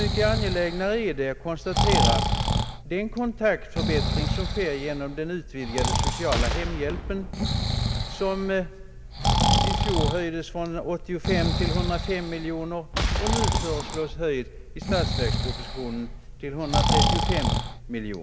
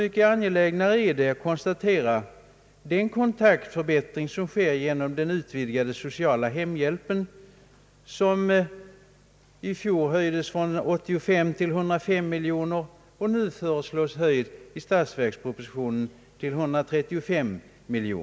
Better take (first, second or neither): second